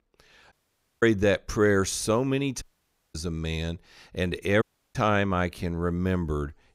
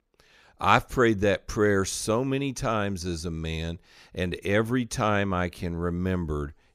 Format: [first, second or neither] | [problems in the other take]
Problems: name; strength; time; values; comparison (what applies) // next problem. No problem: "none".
second | audio cutting out; at 0.5 s for 0.5 s, at 2.5 s for 0.5 s and at 4.5 s